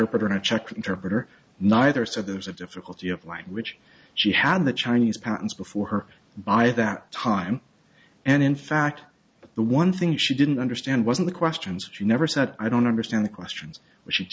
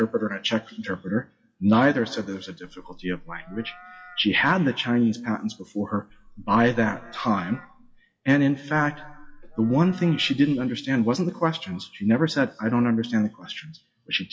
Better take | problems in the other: first | noise reduction (classical method WPE with log-MMSE)

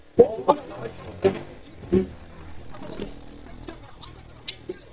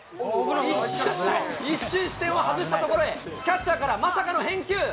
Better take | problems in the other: second | noise reduction (neural mask model DeepFilterNet 3)

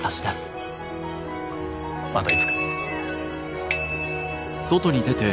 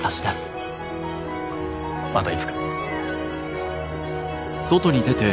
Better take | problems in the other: second | background sound (Bicycle bell); 4 dB below the speech

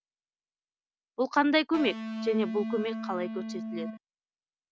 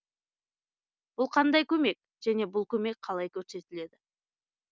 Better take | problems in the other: second | background sound (Electric guitar); 4 dB below the speech

